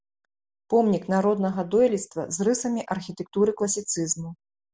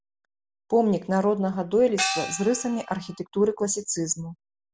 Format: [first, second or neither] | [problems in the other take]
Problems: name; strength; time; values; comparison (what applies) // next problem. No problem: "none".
first | background sound (Gong); 5 dB below the speech